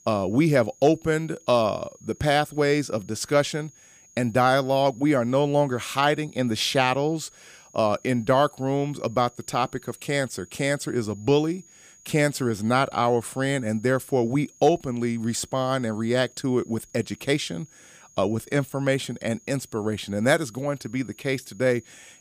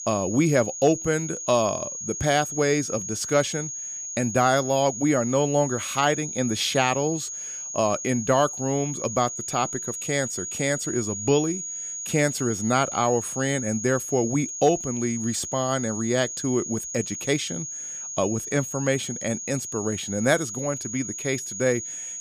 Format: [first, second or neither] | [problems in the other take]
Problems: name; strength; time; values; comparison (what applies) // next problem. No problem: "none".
first | high-pitched whine; loud; throughout; 6.5 kHz, 6 dB below the speech; faint in the first